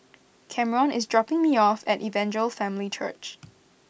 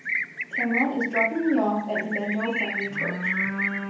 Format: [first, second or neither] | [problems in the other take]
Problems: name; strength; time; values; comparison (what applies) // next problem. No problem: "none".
first | background sound (Livestock, farm animals, working animals); 1 dB below the speech // room echo; dies away in 0.7 s